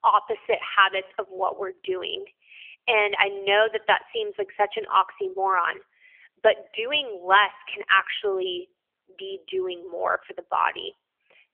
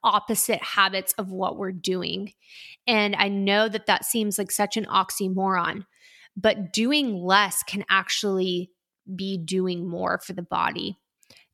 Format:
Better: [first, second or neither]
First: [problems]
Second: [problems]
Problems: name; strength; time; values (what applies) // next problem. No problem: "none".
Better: second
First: phone-call audio; nothing above 3.5 kHz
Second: none